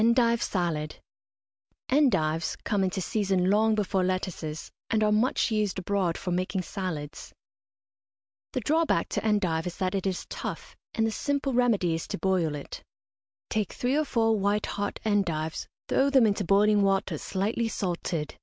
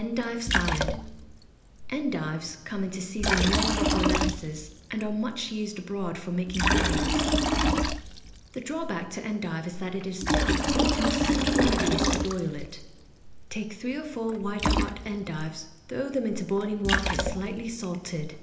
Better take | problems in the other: first | background sound (Liquid); 3 dB above the speech // room echo; dies away in 1 s

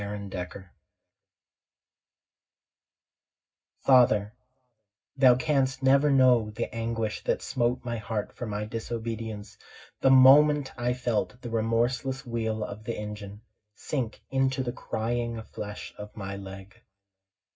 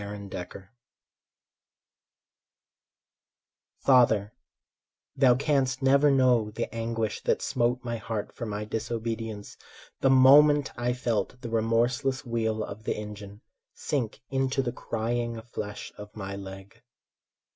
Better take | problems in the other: second | room echo; dies away in 0.4 s

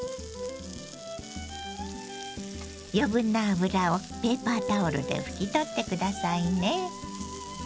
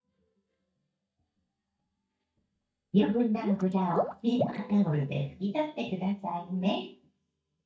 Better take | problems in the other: first | noise reduction (neural mask model DeepFilterNet 3)

